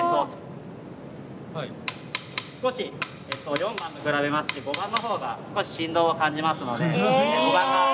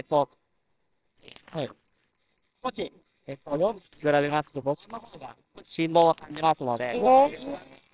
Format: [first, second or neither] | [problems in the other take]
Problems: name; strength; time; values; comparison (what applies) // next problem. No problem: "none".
first | noise reduction (neural separator model SepFormer WHAMR!)